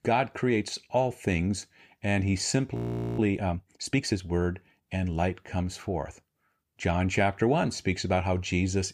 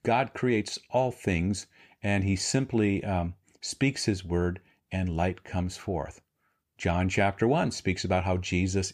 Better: second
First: audio freezing; at 3 s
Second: none

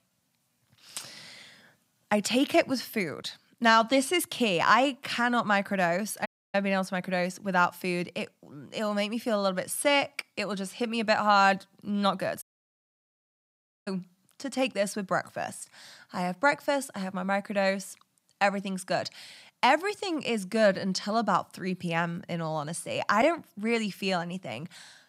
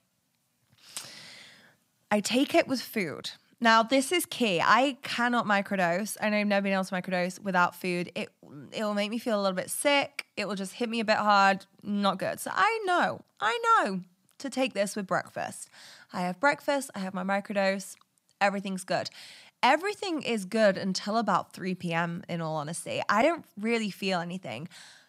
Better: second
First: audio cutting out; at 6.5 s and at 12 s for 1.5 s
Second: none

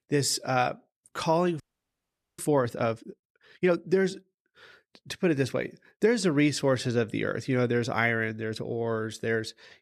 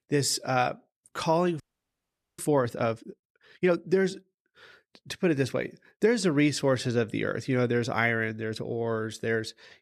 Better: neither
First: audio freezing; at 1.5 s for 1 s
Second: audio freezing; at 1.5 s for 1 s

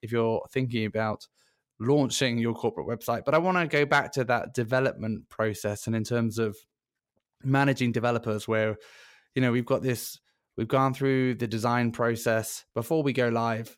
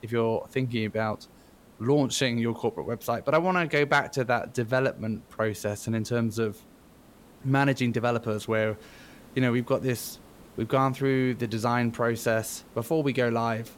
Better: first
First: none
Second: hiss; faint; throughout; 25 dB below the speech

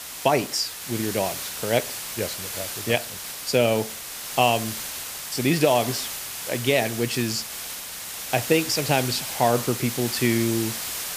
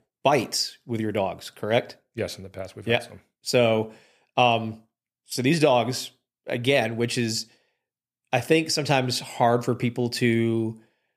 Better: second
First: hiss; loud; throughout; 6 dB below the speech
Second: none

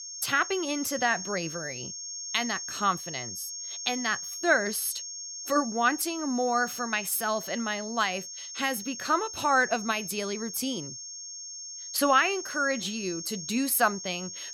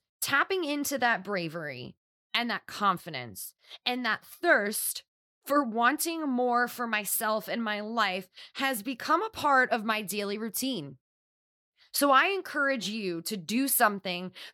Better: second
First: high-pitched whine; loud; throughout; 6.5 kHz, 8 dB below the speech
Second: none

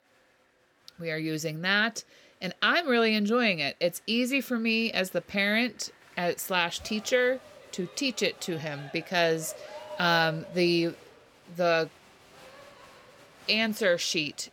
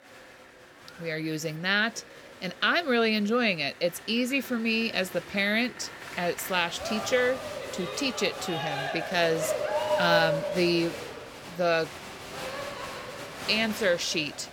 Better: first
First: crowd noise; faint; throughout; 20 dB below the speech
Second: crowd noise; loud; throughout; 7 dB below the speech

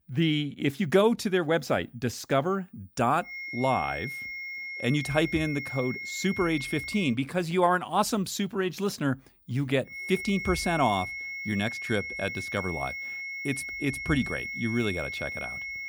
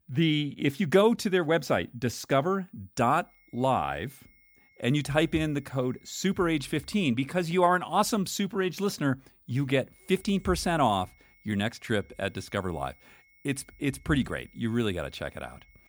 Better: second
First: high-pitched whine; loud; from 3.5 to 7 s and from 10 s on; 2 kHz, 6 dB below the speech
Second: high-pitched whine; faint; from 3.5 to 7 s and from 10 s on; 2 kHz, 35 dB below the speech

